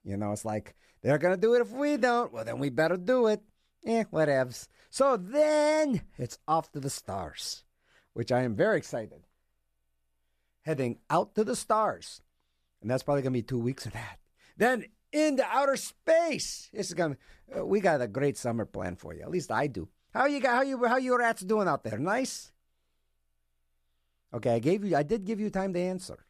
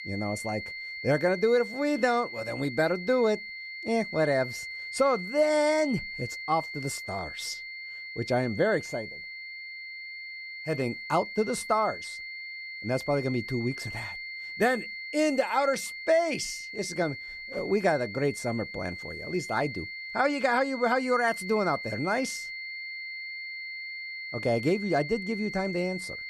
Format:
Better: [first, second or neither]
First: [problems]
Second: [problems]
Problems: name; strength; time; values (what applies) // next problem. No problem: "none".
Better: first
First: none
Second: high-pitched whine; loud; throughout; 2 kHz, 8 dB below the speech